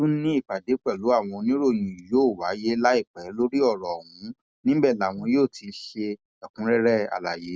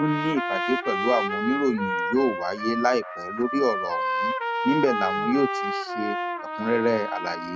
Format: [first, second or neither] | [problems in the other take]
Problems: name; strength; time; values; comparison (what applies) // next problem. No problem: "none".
first | background sound (Trumpet); 2 dB below the speech